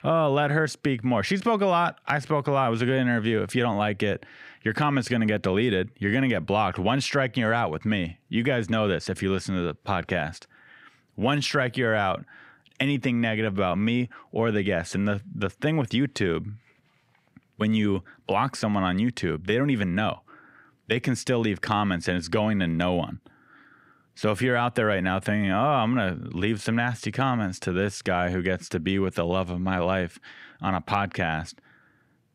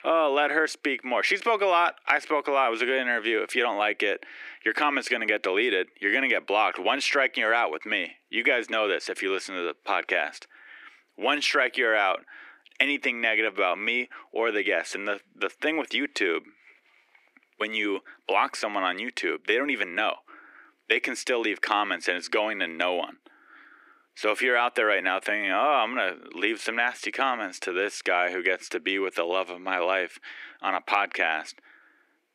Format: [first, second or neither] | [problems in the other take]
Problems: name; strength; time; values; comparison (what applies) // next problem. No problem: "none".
first | thin; somewhat; fading below 300 Hz